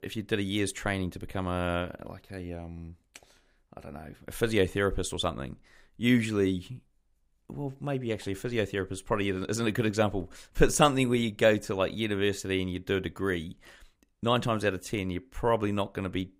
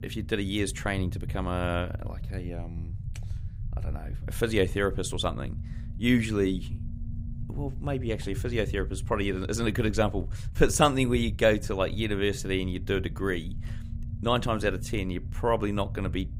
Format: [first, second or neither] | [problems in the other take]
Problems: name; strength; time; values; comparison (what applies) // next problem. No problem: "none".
first | low rumble; faint; throughout; 20 dB below the speech